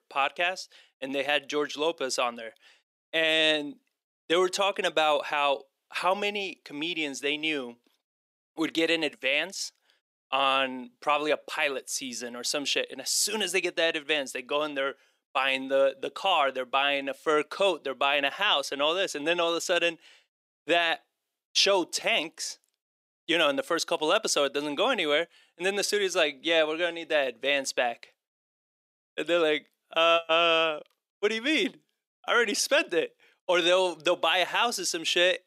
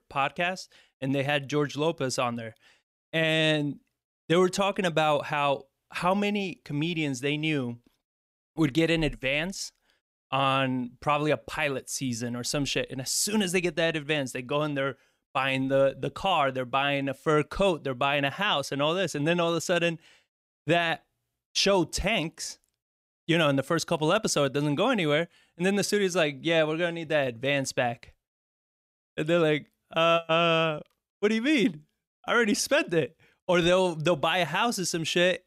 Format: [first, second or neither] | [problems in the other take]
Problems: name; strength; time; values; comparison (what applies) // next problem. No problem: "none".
second | thin; somewhat; fading below 350 Hz